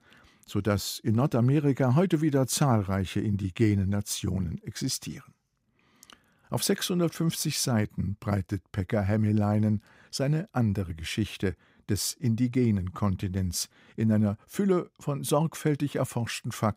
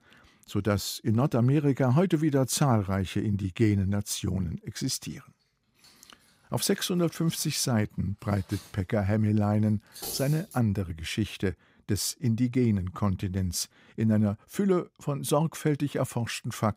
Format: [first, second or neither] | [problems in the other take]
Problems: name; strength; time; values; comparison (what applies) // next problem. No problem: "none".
first | clattering dishes; noticeable; from 8.5 to 11 s; peak 8 dB below the speech